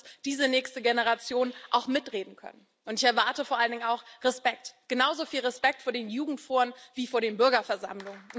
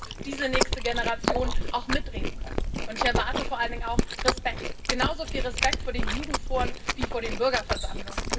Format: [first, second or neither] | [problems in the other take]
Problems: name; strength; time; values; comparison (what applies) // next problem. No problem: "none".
first | background sound (Chewing, mastication); 3 dB above the speech // room echo; dies away in 0.4 s